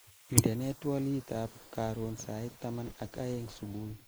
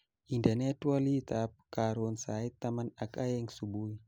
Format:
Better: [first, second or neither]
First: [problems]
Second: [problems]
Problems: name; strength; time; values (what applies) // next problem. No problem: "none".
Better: second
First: noise reduction (neural mask model Resemble Enhance denoiser)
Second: none